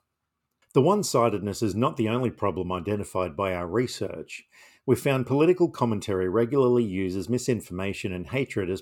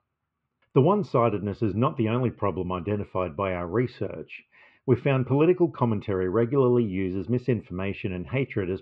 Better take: first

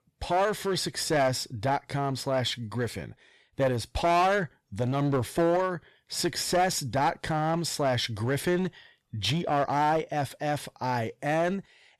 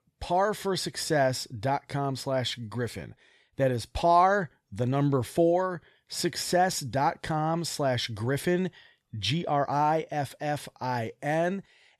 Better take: second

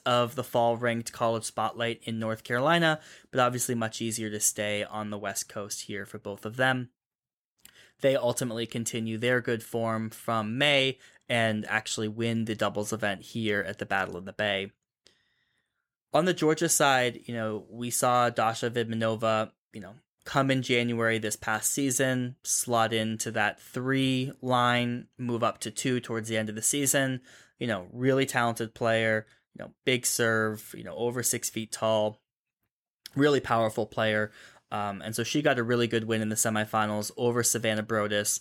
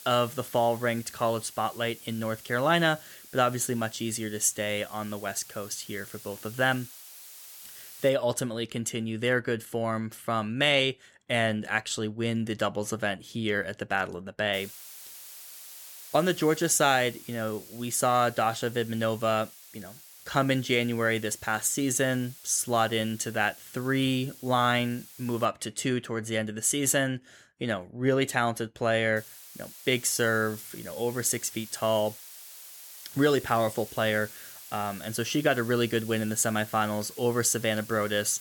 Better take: first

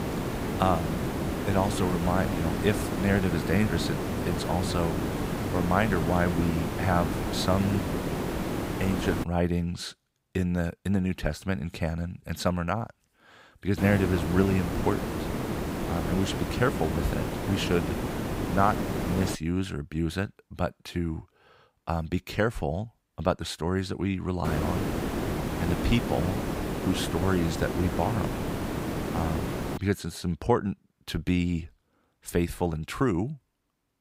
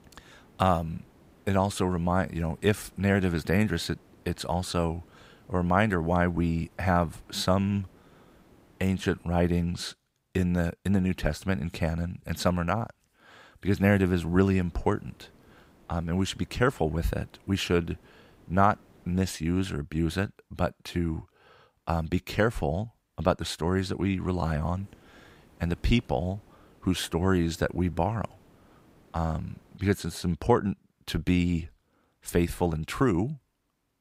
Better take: second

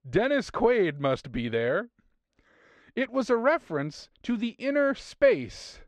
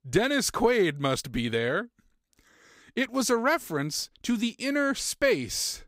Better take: second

